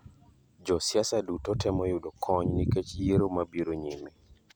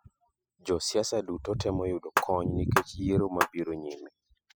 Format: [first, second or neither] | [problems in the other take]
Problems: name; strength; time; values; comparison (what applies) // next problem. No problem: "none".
first | noise reduction (classical method spectral subtraction)